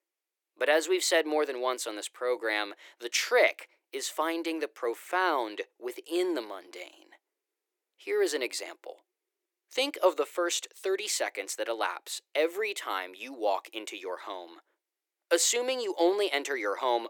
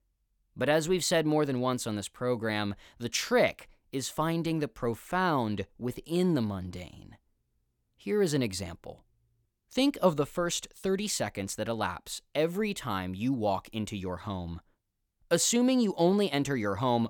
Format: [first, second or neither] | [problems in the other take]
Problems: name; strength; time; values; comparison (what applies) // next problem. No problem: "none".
second | thin; very; fading below 350 Hz